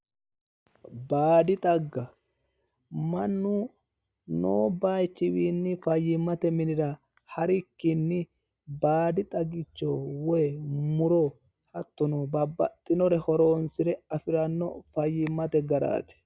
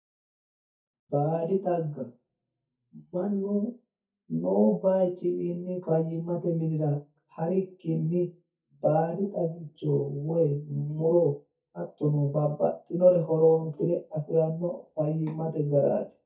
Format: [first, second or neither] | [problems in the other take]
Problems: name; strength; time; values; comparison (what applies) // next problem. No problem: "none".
first | noise reduction (neural mask model DeepFilterNet 3)